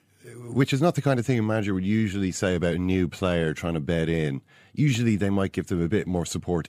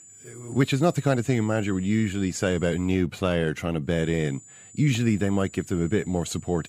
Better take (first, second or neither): first